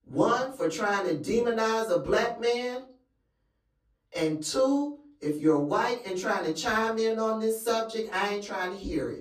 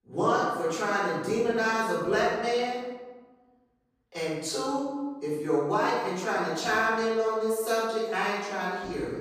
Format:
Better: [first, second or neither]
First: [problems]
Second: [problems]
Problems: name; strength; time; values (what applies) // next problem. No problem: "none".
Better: first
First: room echo; slight; dies away in 0.4 s // off-mic speech; far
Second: room echo; strong; dies away in 1.1 s // off-mic speech; far